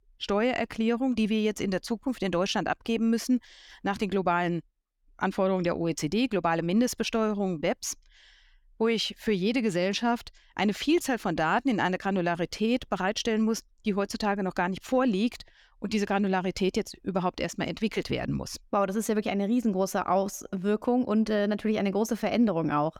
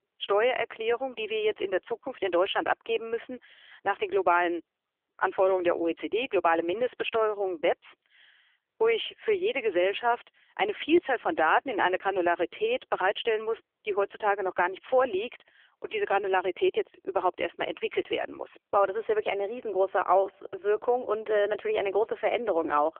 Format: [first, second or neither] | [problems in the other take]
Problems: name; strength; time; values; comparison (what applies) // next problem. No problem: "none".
first | phone-call audio; poor line; nothing above 3.5 kHz